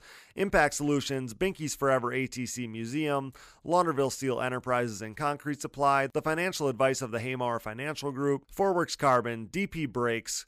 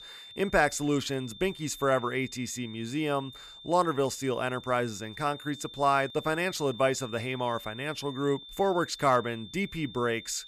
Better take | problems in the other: first | high-pitched whine; noticeable; throughout; 3.5 kHz, 15 dB below the speech

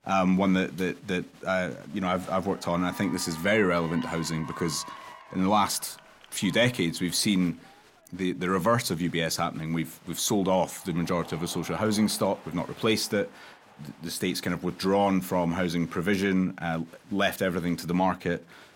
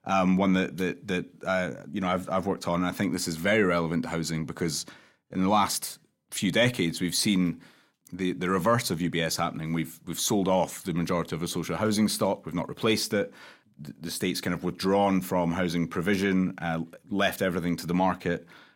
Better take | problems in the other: second | crowd noise; faint; throughout; 20 dB below the speech

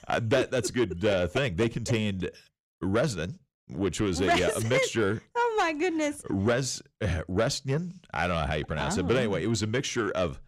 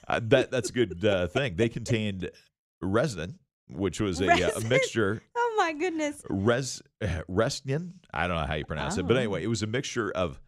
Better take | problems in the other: second | distortion; slight; 10 dB below the speech

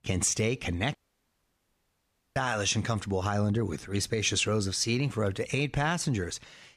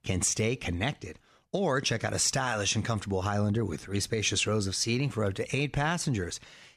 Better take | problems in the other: second | audio cutting out; at 1 s for 1.5 s

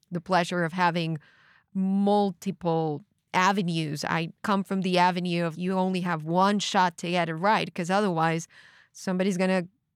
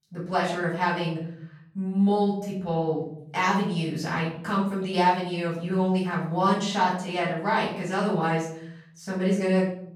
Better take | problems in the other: first | off-mic speech; far // room echo; noticeable; dies away in 0.7 s

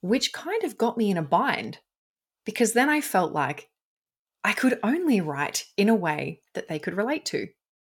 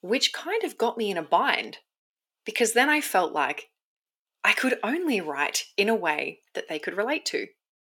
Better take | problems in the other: first | thin; very slightly; fading below 300 Hz

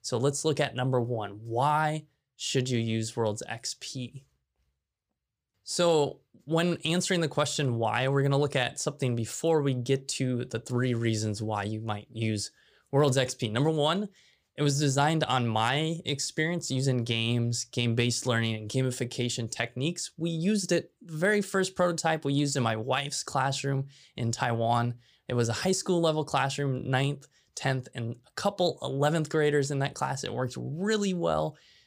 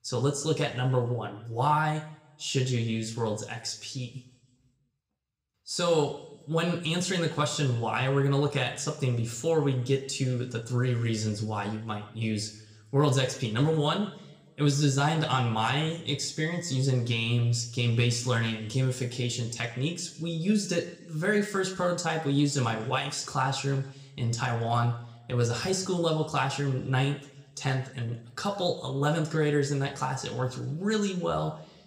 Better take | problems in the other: first | room echo; very slight; dies away in 0.7 s

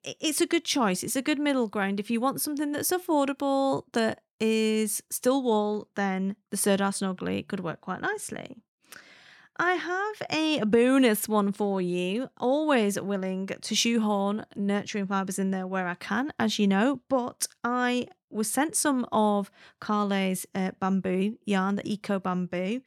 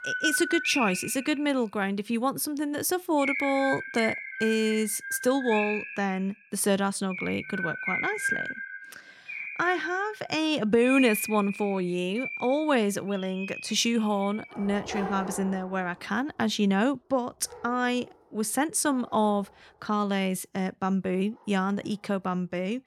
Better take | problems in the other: first | animal sounds; loud; throughout; 5 dB below the speech

